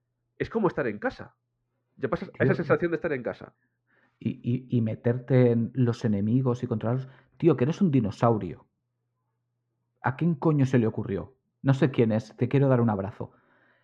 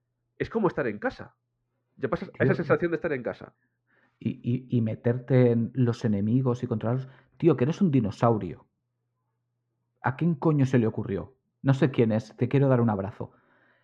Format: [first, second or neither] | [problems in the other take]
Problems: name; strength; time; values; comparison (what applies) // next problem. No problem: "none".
neither | muffled; very; fading above 1.5 kHz; the same in both